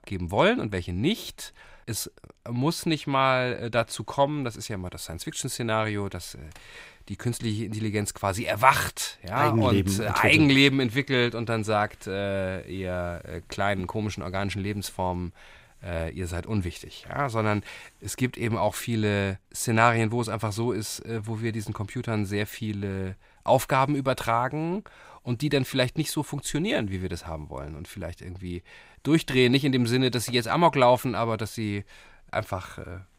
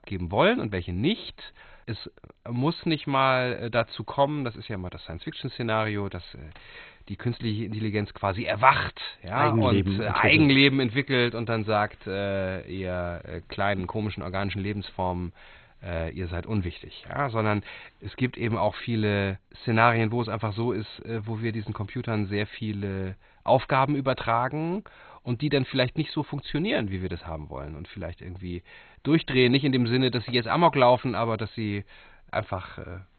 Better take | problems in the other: first | garbled, watery; badly; nothing above 4 kHz

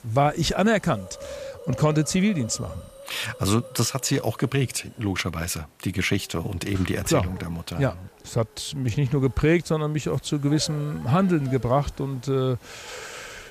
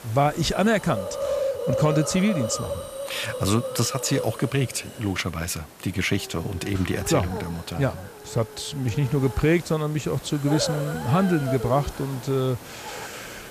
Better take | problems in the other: first | hiss; loud; throughout; 9 dB below the speech; faint in the first

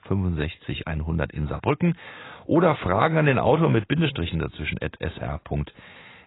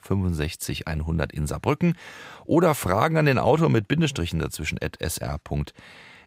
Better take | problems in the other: second | garbled, watery; badly; nothing above 4 kHz

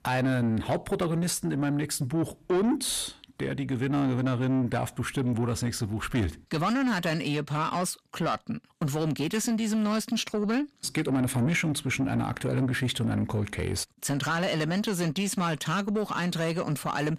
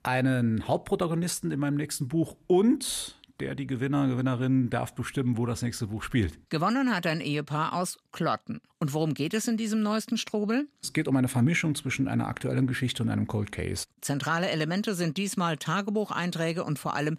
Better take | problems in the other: second | distortion; slight; 10 dB below the speech

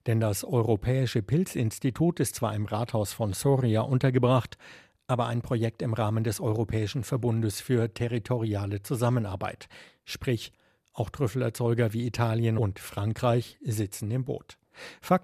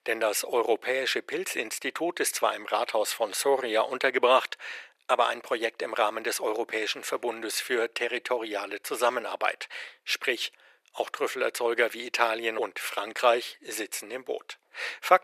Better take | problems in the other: first | thin; very; fading below 400 Hz

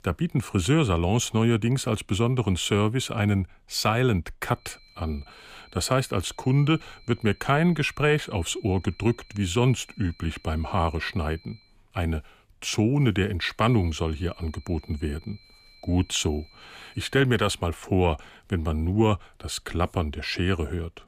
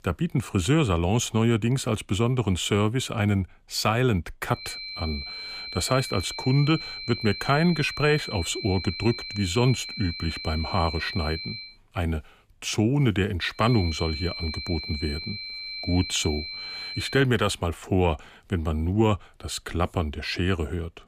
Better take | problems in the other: first | high-pitched whine; loud; from 4.5 to 12 s and from 14 to 17 s; 4 kHz, 8 dB below the speech; faint in the first

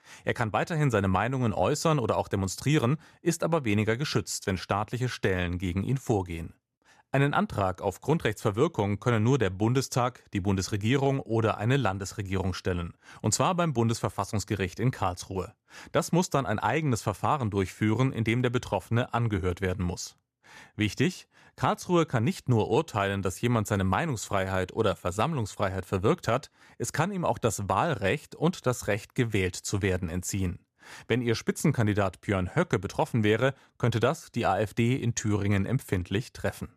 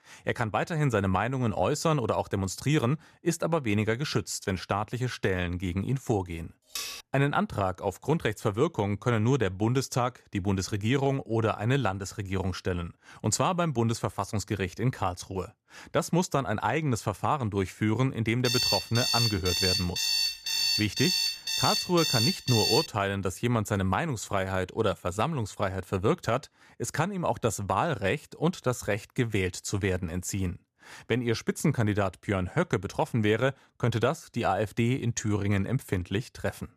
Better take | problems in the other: first | clattering dishes; noticeable; at 7 s; peak 6 dB below the speech // alarm; loud; from 18 to 23 s; peak 4 dB above the speech

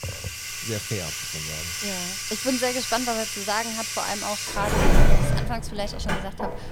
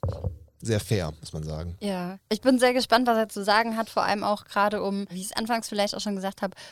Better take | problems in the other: second | household noises; very loud; throughout; 4 dB above the speech

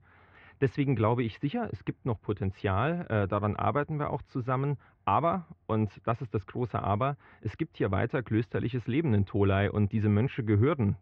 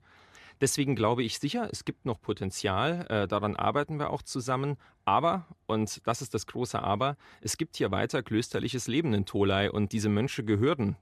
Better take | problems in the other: second | muffled; very; fading above 2.5 kHz

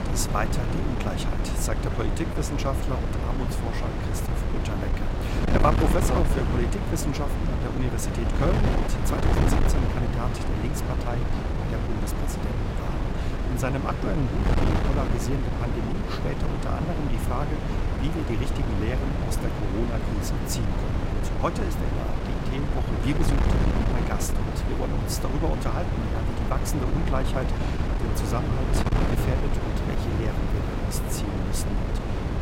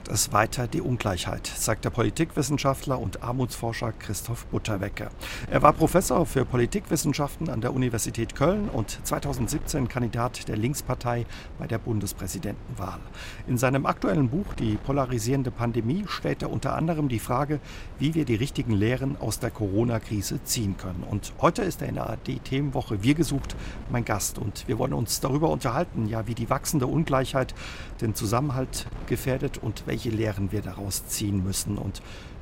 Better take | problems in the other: second | wind noise on the microphone; heavy; 1 dB above the speech; occasional gusts in the second

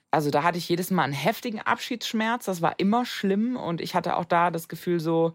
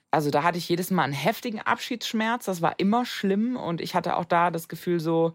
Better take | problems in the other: neither | none

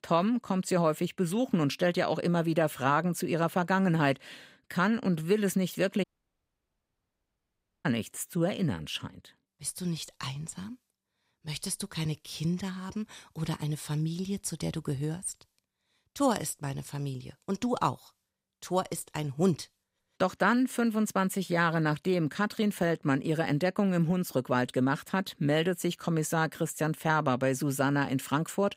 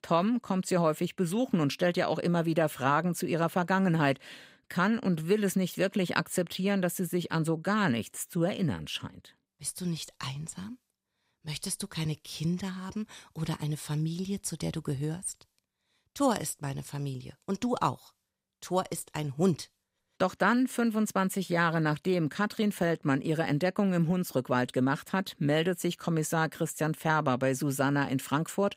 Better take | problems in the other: second | audio cutting out; at 6 s for 2 s

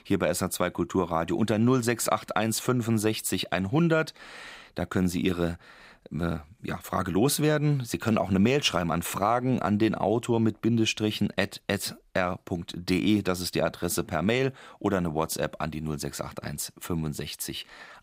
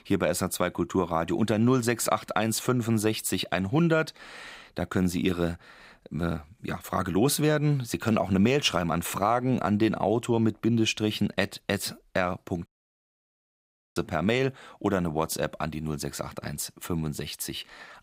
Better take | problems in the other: first | audio cutting out; at 13 s for 1.5 s

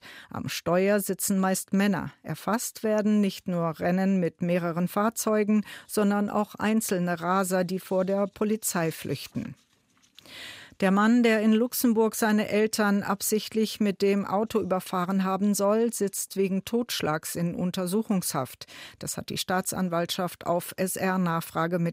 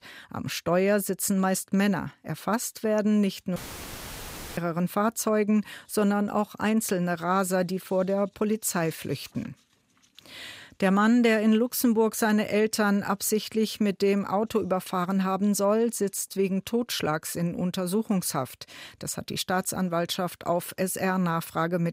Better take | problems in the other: first | audio cutting out; filled with static; at 3.5 s for 1 s

